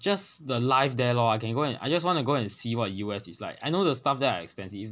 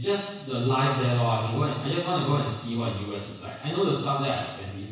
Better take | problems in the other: first | room echo; dies away in 1.1 s

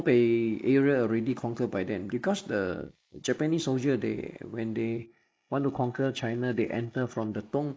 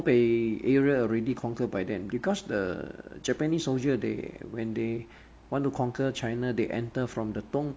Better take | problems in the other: second | noise reduction (neural mask model Resemble Enhance denoiser)

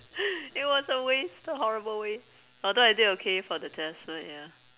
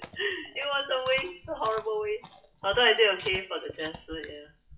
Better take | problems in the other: first | noise reduction (classical method WPE with log-MMSE)

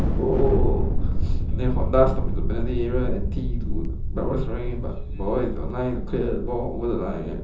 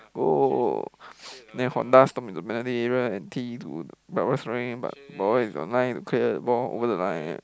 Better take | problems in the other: second | background sound (Thunder); 3 dB above the speech // room echo; dies away in 0.6 s

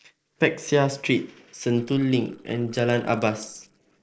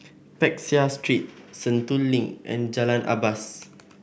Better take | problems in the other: second | noise reduction (neural separator model SepFormer DNS4)

